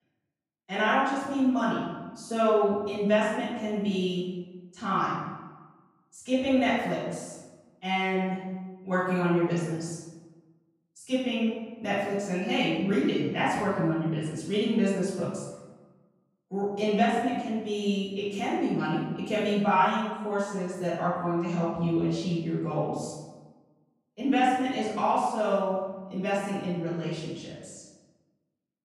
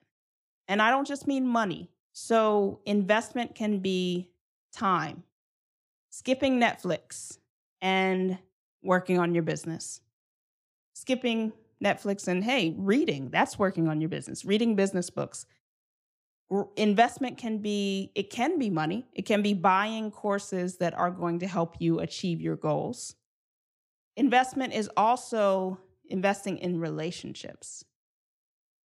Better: second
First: room echo; strong; dies away in 1 s // off-mic speech; far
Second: none

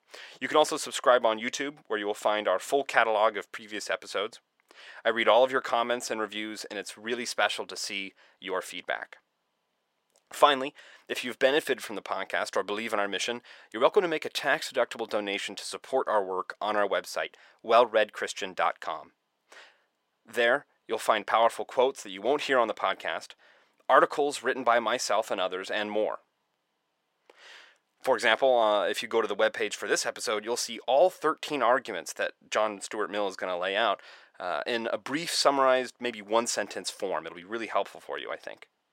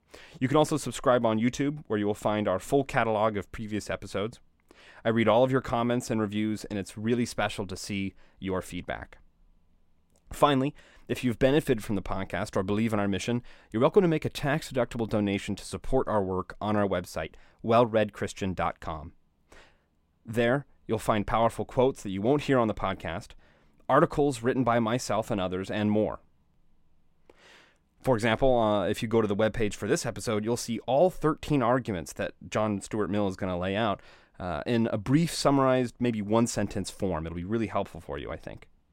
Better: second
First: thin; very; fading below 550 Hz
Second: none

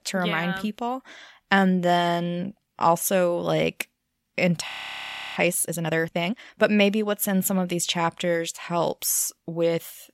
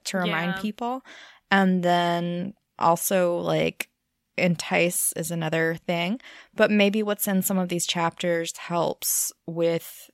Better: second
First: audio freezing; at 4.5 s for 0.5 s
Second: none

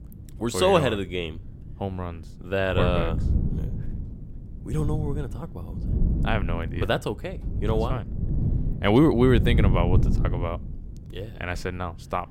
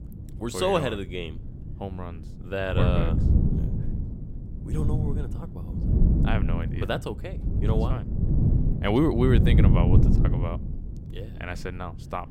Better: first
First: wind noise on the microphone; occasional gusts; 15 dB below the speech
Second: wind noise on the microphone; heavy; 5 dB below the speech

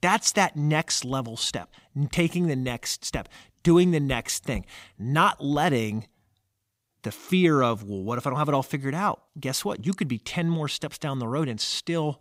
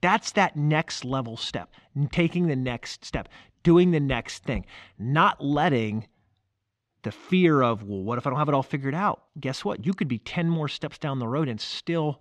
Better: first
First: none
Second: muffled; slightly; fading above 3.5 kHz

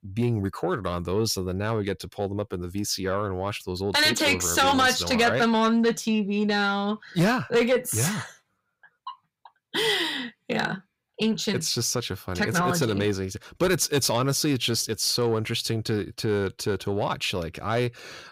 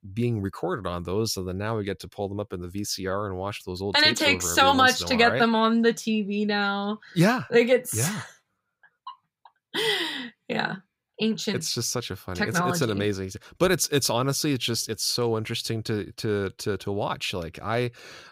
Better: second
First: distortion; slight; 10 dB below the speech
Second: none

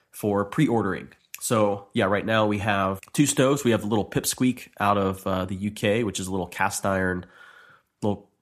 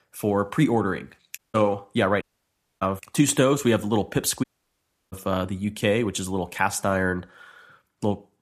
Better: first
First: none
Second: audio cutting out; at 1.5 s, at 2 s for 0.5 s and at 4.5 s for 0.5 s

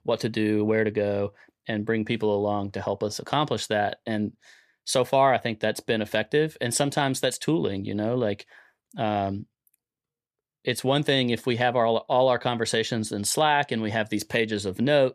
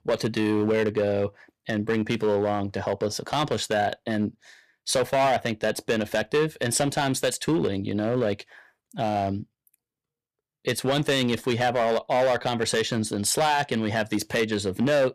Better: first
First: none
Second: distortion; slight; 7% of the sound clipped

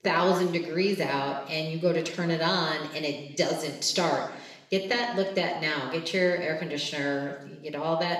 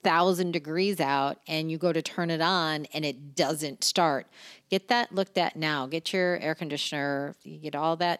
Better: second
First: room echo; noticeable; dies away in 0.9 s // off-mic speech; somewhat distant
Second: none

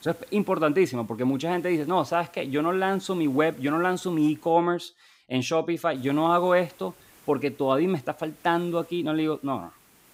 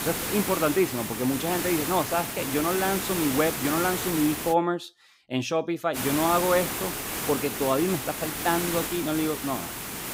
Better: first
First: hiss; faint; until 4.5 s and from 6 s on; 25 dB below the speech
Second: hiss; loud; until 4.5 s and from 6 s on; 3 dB below the speech

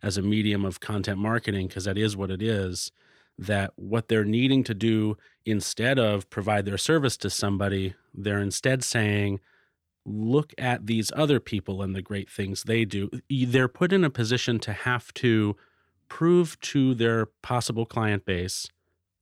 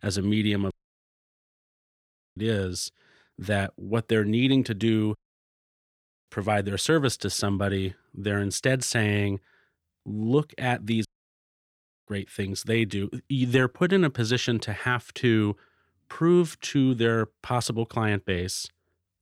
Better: first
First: none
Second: audio cutting out; at 0.5 s for 1.5 s, at 5 s for 1 s and at 11 s for 1 s

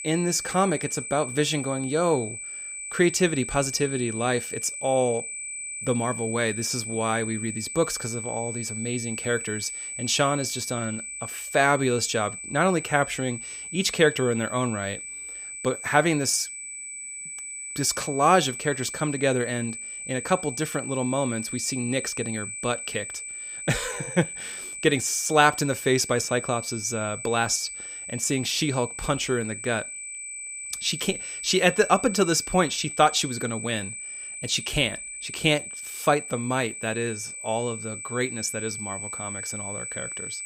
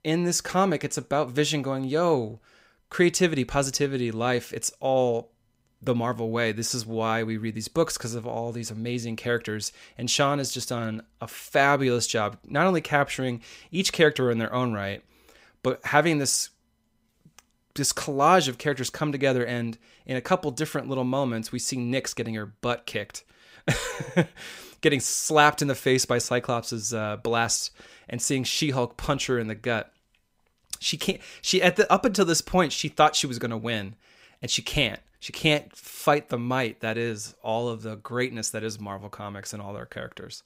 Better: second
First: high-pitched whine; loud; throughout; 8 kHz, 8 dB below the speech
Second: none

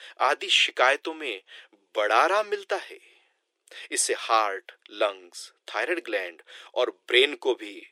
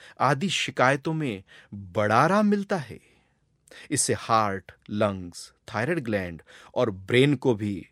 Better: second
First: thin; very; fading below 350 Hz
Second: none

